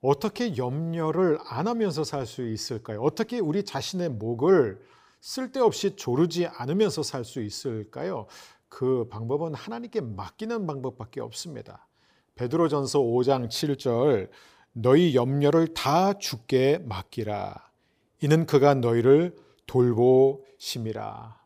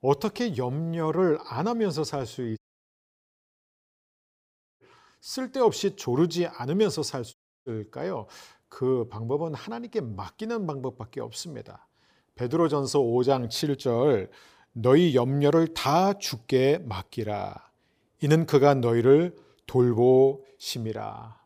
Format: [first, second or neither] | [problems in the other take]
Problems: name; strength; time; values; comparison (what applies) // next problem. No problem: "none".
first | audio cutting out; at 2.5 s for 2 s and at 7.5 s